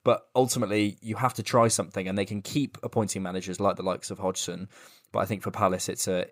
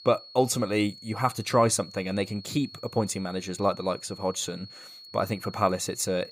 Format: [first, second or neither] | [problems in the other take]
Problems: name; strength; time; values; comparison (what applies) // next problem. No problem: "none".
first | high-pitched whine; noticeable; throughout; 4.5 kHz, 15 dB below the speech